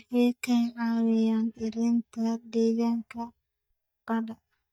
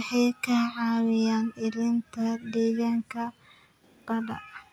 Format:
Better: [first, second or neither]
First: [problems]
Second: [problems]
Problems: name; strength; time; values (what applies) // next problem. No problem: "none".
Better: second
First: noise reduction (neural mask model DeepFilterNet 3)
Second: none